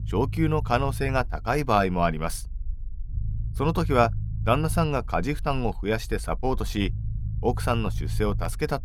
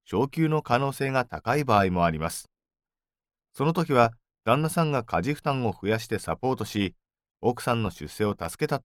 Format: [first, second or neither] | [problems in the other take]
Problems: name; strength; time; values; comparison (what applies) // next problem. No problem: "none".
second | low rumble; faint; throughout; 20 dB below the speech